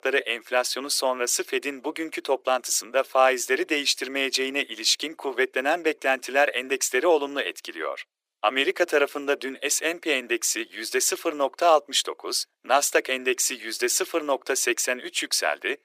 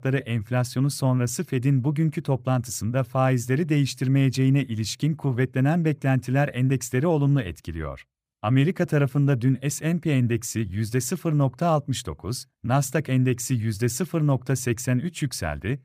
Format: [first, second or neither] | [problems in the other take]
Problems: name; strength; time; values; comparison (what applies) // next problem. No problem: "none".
second | thin; very; fading below 350 Hz